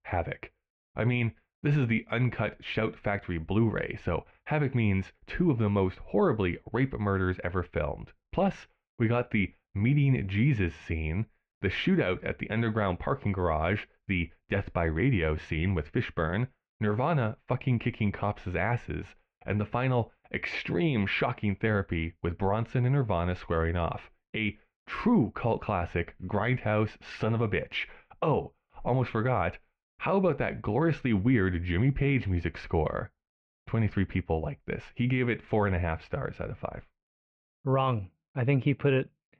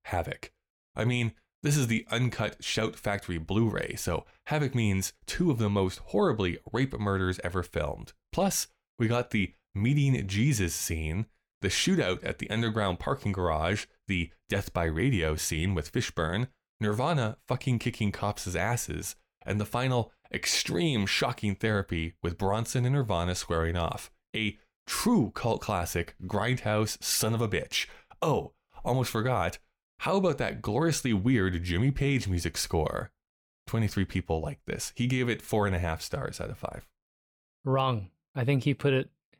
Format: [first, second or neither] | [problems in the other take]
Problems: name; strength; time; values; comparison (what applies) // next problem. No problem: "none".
second | muffled; very; fading above 2.5 kHz